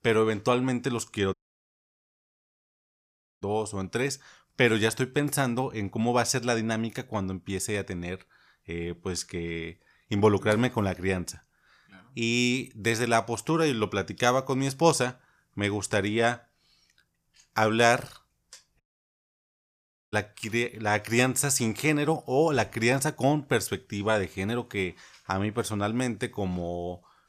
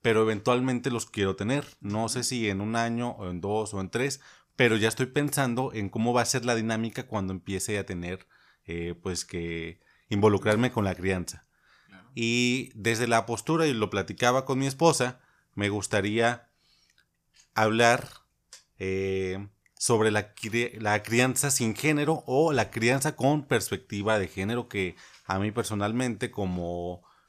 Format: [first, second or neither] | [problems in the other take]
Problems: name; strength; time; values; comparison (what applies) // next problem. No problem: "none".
second | audio cutting out; at 1.5 s for 2 s and at 19 s for 1.5 s